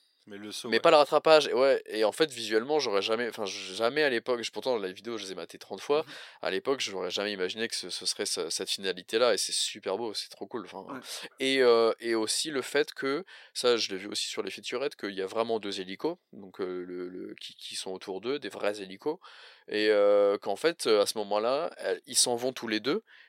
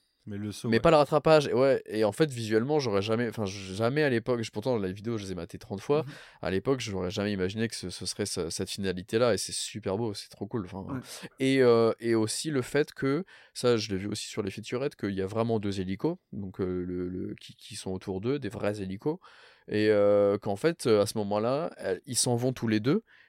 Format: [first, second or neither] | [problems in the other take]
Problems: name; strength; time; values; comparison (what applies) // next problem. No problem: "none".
second | thin; somewhat; fading below 400 Hz